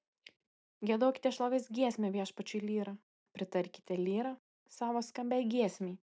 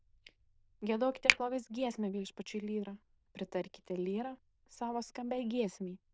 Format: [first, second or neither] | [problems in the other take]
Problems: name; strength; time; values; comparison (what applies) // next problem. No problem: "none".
first | noise reduction (neural diffusion model UNIVERSE++)